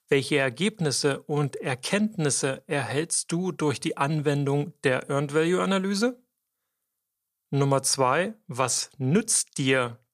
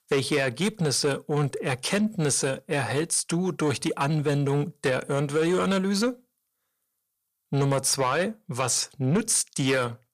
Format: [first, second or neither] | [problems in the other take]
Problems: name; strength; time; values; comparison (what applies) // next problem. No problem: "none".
first | distortion; slight; 10 dB below the speech